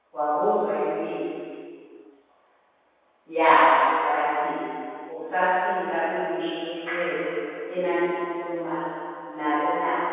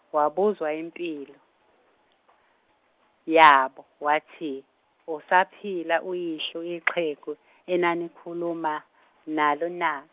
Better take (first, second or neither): second